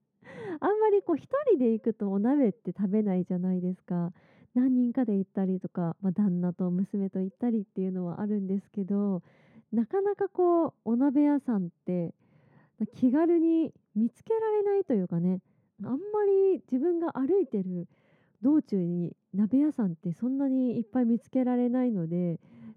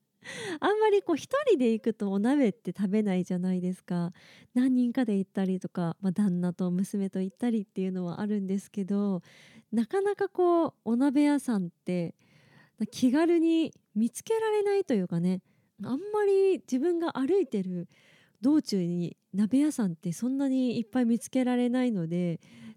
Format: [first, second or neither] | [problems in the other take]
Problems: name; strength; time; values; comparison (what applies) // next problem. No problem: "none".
second | muffled; very; fading above 2.5 kHz